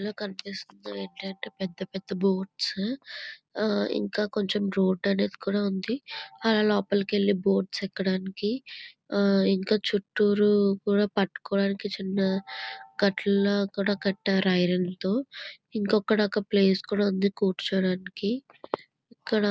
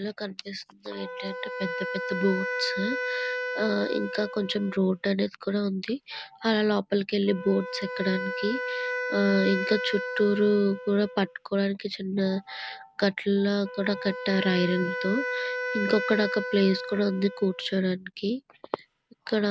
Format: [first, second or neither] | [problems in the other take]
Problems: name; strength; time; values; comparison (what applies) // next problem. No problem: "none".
first | background sound (Wind instrument, woodwind instrument); 7 dB below the speech